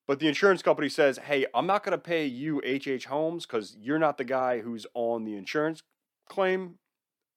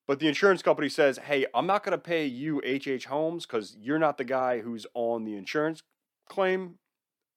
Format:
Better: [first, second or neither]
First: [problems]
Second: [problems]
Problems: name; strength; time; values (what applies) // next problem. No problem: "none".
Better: neither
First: none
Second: none